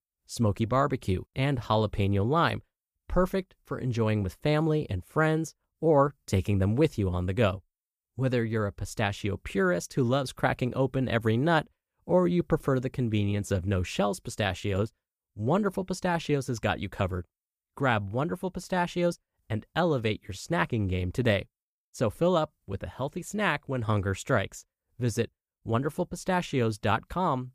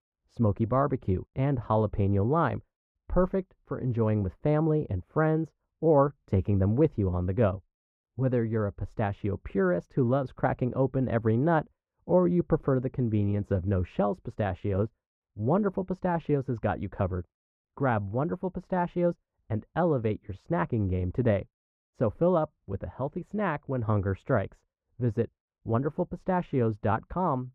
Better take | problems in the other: first | muffled; very; fading above 3 kHz

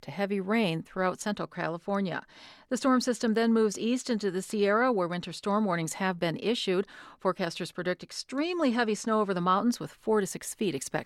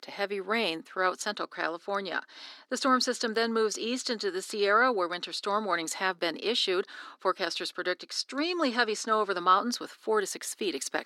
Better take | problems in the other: first | thin; somewhat; fading below 300 Hz

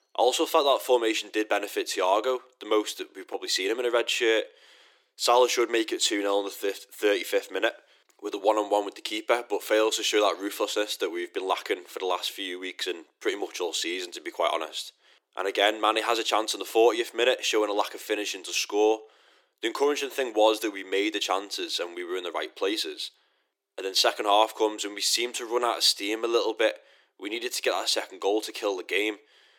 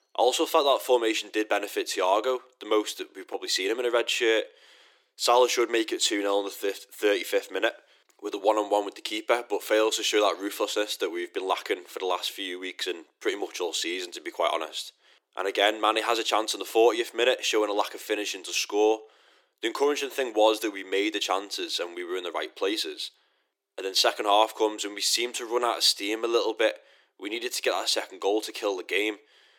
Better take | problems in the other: neither | thin; very; fading below 300 Hz; the same in both

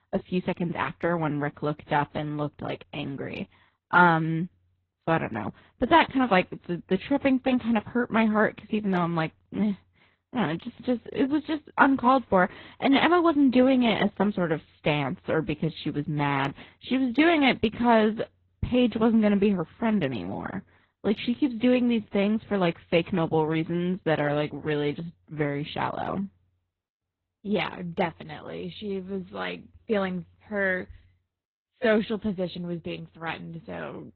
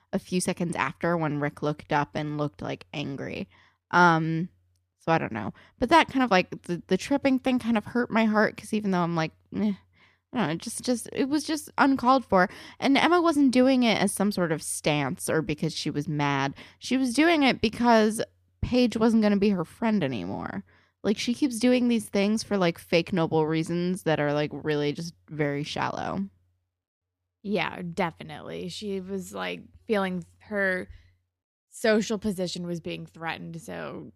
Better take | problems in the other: second | garbled, watery; badly; nothing above 4 kHz

